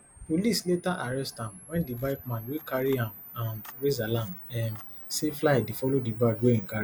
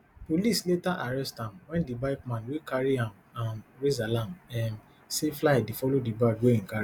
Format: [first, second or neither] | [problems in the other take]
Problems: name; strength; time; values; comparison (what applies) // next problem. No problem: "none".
second | background sound (Camera); 15 dB below the speech